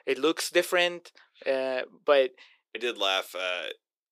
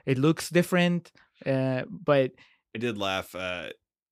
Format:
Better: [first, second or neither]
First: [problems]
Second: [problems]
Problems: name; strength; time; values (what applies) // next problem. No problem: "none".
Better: second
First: thin; very; fading below 400 Hz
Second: none